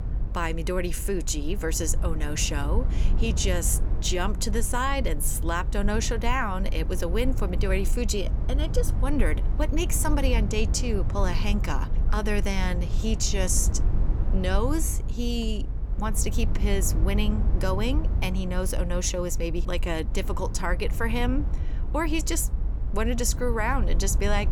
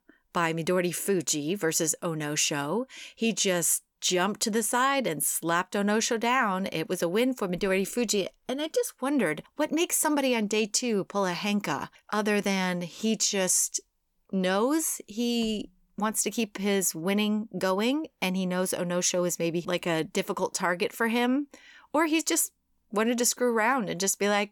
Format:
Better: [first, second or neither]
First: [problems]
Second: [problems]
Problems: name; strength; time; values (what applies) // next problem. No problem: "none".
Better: second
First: low rumble; noticeable; throughout; 15 dB below the speech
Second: none